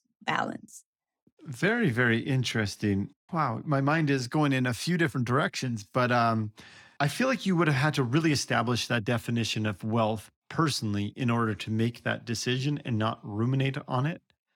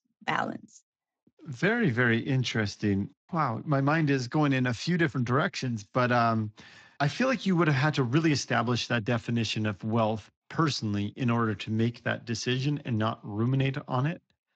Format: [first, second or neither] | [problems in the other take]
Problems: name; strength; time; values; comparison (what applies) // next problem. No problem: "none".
first | garbled, watery; slightly